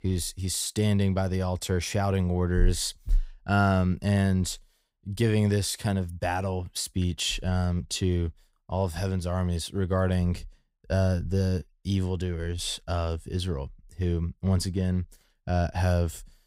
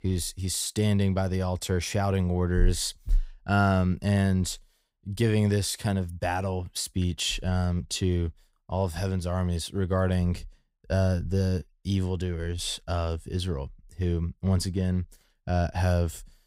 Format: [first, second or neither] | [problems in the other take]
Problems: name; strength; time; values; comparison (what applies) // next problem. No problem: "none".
neither | none